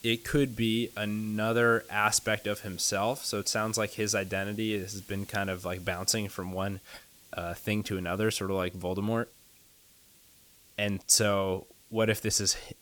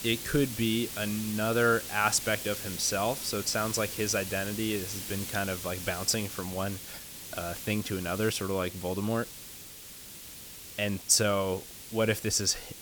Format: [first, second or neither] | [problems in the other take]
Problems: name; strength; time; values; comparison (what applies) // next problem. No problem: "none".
first | hiss; loud; throughout; 9 dB below the speech; faint in the first